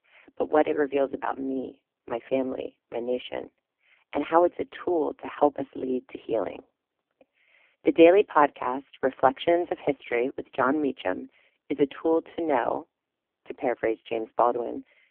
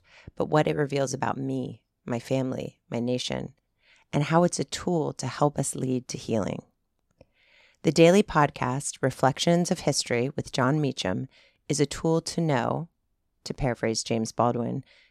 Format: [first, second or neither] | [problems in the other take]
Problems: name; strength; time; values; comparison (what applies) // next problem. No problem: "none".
second | phone-call audio; poor line; nothing above 3.5 kHz